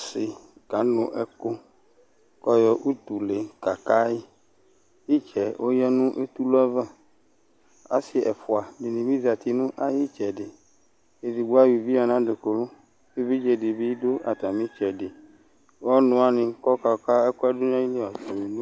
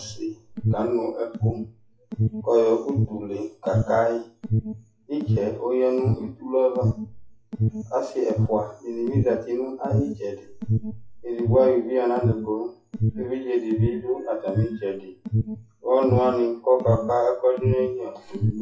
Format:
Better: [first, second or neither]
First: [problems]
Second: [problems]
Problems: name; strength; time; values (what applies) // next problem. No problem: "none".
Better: first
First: none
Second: noise reduction (classical method WPE with log-MMSE)